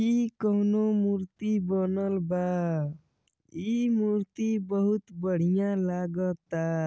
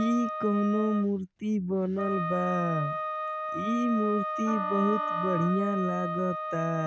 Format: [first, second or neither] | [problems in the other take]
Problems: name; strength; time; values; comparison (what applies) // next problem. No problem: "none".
first | background sound (Wind instrument, woodwind instrument + Wind instrument, woodwind instrument); 4 dB below the speech